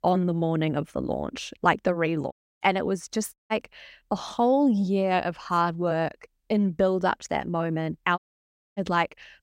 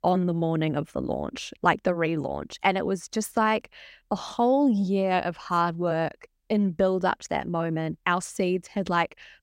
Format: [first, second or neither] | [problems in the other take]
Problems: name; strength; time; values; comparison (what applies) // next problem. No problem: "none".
second | audio cutting out; at 2.5 s, at 3.5 s and at 8 s for 0.5 s